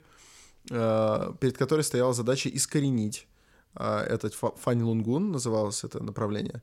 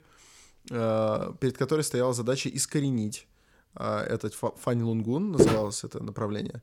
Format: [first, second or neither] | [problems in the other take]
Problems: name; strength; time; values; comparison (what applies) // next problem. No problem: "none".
first | footsteps; loud; at 5.5 s; peak 6 dB above the speech